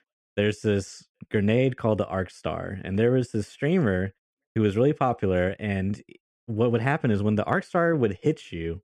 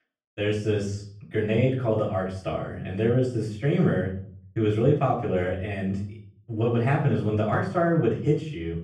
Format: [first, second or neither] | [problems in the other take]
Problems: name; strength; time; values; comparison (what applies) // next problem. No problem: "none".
first | room echo; slight; dies away in 0.5 s // off-mic speech; far